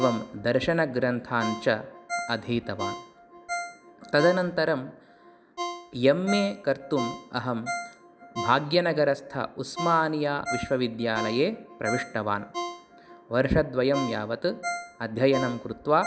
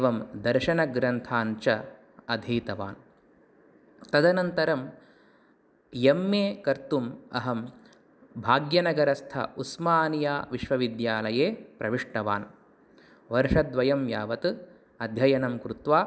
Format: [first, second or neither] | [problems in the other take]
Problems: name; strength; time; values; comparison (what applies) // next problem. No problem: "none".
second | background sound (Ringtone); 10 dB below the speech